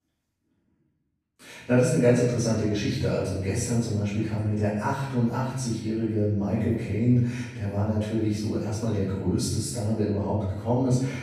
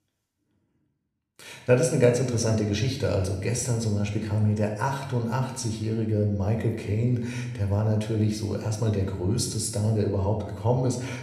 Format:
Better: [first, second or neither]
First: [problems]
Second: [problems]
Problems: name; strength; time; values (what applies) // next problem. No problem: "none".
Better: second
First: room echo; strong; dies away in 1 s // off-mic speech; far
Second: room echo; slight; dies away in 0.9 s